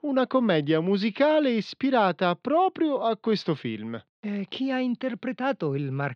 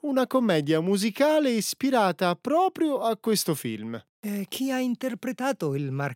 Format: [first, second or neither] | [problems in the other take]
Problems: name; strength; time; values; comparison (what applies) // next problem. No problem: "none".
second | muffled; slightly; fading above 4 kHz